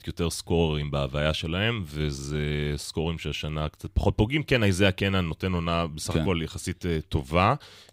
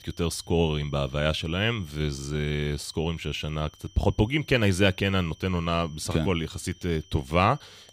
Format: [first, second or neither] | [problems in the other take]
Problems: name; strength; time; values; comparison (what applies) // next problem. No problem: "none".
first | high-pitched whine; faint; throughout; 3 kHz, 25 dB below the speech